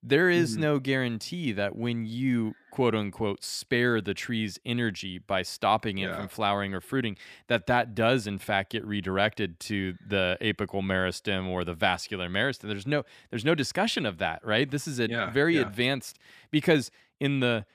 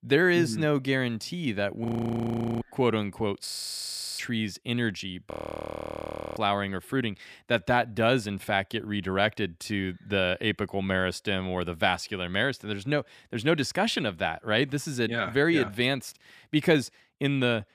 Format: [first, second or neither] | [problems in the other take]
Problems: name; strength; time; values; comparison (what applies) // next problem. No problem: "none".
first | audio freezing; at 2 s for 1 s, at 3.5 s for 0.5 s and at 5.5 s for 1 s